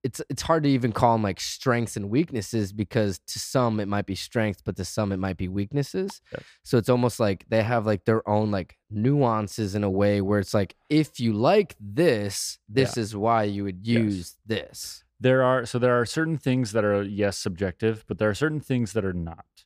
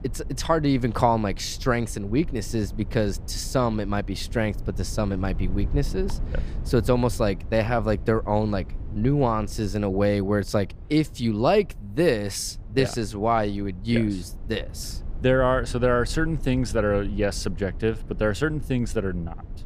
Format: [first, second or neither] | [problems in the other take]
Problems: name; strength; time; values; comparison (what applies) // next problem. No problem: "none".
first | low rumble; faint; throughout; 25 dB below the speech